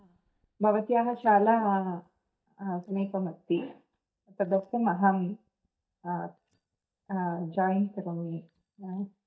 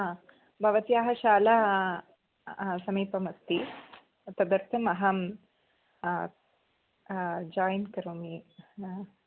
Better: second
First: noise reduction (neural mask model DeepFilterNet 3)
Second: none

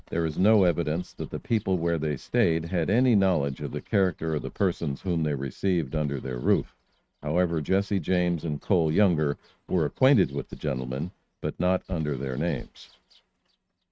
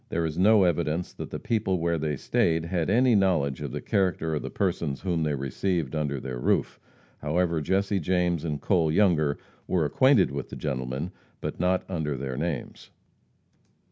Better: second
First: noise reduction (neural mask model RNNoise)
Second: none

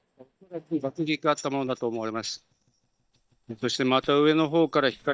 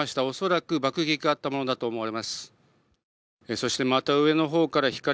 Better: second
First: noise reduction (neural mask model DeepFilterNet 3)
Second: none

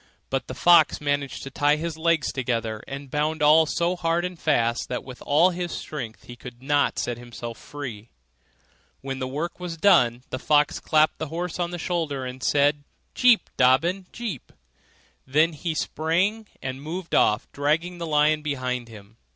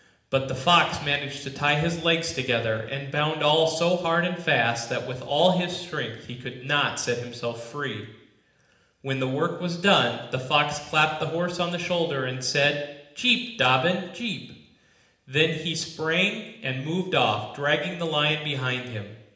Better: first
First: none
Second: room echo; dies away in 0.8 s

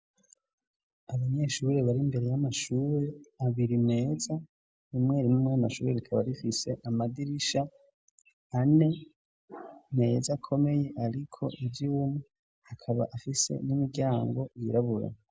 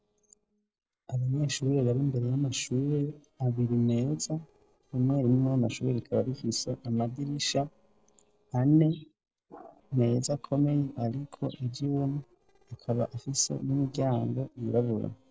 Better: first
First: none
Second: noise reduction (neural separator model SepFormer DNS4)

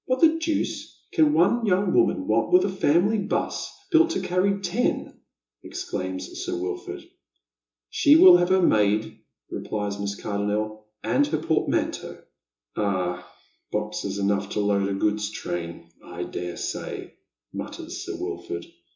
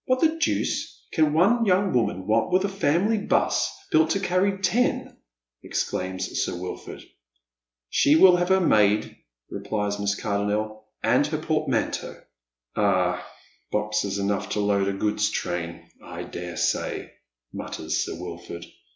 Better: second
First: room echo; dies away in 0.2 s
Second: none

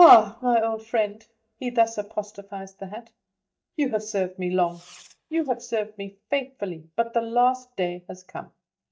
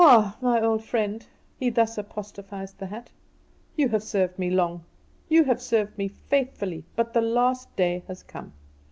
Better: second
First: noise reduction (neural mask model DeepFilterNet 3)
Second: none

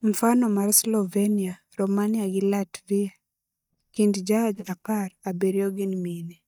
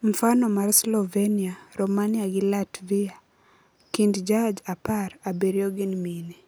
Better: second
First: noise reduction (neural mask model DeepFilterNet 3)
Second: none

